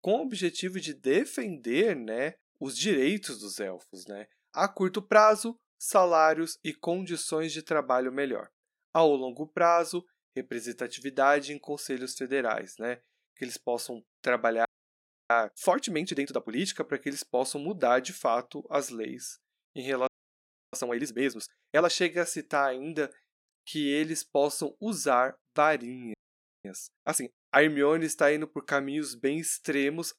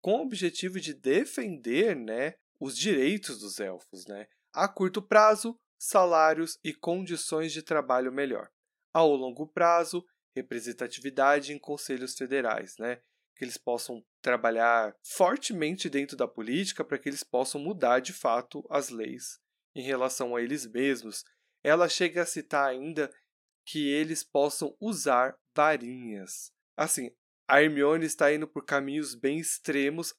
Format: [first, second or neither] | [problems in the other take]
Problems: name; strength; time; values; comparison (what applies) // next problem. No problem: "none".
second | audio freezing; at 15 s for 0.5 s, at 20 s for 0.5 s and at 26 s for 0.5 s